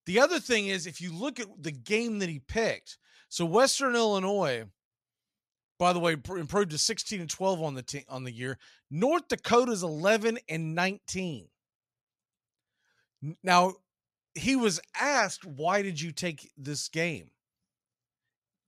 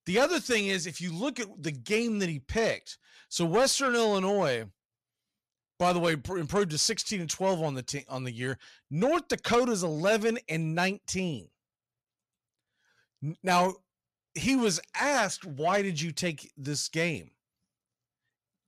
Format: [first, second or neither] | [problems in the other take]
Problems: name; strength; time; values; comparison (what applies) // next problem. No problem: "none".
first | distortion; slight; 10 dB below the speech